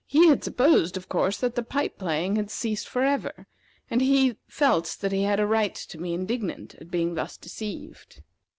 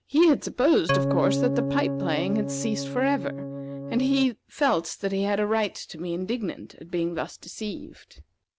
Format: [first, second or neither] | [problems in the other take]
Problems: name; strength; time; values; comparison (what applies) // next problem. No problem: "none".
first | background sound (Organ); 1 dB below the speech